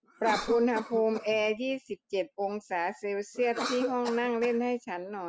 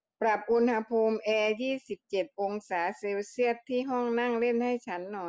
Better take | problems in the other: second | background sound (Cough); 11 dB below the speech

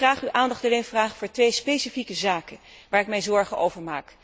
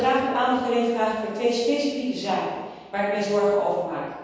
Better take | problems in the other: first | room echo; dies away in 1.2 s

